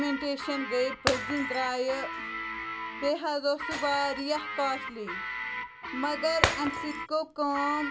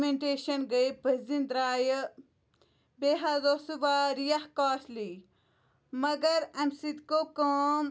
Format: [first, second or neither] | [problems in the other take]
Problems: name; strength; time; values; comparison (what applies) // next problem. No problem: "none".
second | background sound (Guitar + Shatter); 3 dB below the speech